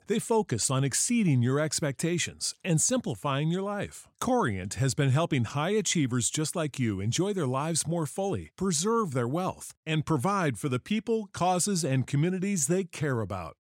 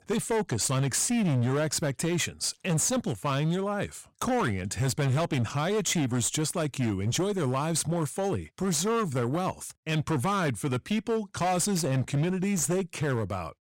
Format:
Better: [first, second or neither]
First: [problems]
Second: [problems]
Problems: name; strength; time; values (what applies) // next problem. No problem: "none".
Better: first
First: none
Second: distortion; slight; 19% of the sound clipped